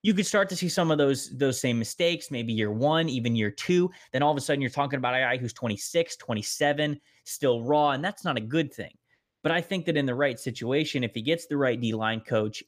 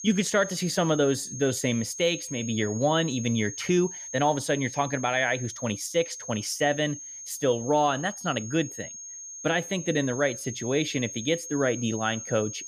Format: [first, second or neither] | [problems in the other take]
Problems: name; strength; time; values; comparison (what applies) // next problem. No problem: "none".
first | high-pitched whine; loud; throughout; 6.5 kHz, 10 dB below the speech